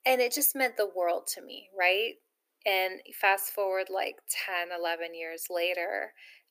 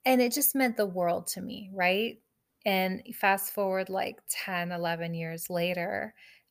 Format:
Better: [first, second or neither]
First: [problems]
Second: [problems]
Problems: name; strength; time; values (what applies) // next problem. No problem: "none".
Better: second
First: thin; somewhat; fading below 300 Hz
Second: none